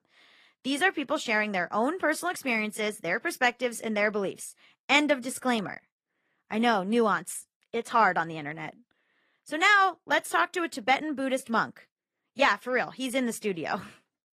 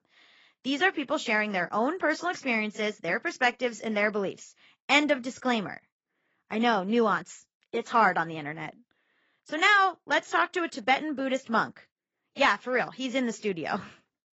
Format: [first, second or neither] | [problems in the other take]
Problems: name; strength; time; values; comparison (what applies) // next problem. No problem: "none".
first | garbled, watery; badly; nothing above 7.5 kHz; slightly in the first